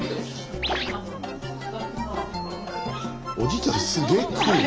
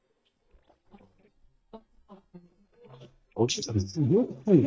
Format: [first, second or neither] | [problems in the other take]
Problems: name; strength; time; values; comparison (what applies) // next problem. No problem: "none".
first | noise reduction (neural mask model DeepFilterNet 3)